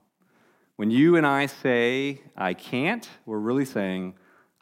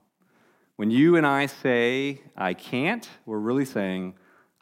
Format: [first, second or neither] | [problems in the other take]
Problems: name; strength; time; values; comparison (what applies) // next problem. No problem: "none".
neither | none